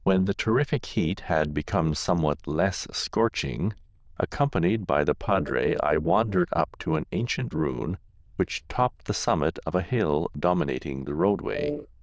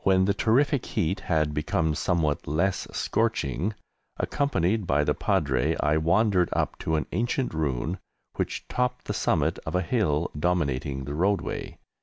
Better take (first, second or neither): second